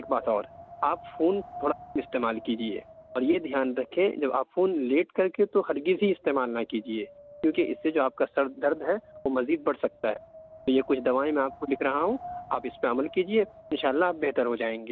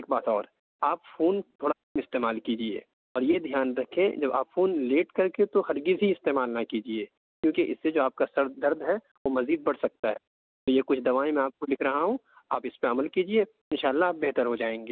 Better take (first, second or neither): second